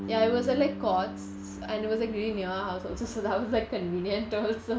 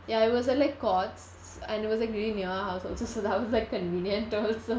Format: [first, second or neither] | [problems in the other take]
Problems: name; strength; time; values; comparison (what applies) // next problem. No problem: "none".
second | background sound (Bass guitar); 12 dB below the speech